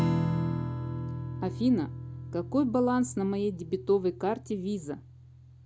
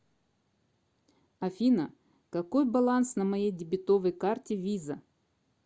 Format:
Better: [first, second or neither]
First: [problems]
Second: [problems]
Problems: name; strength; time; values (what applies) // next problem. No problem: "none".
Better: second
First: background sound (Strum); 4 dB below the speech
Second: none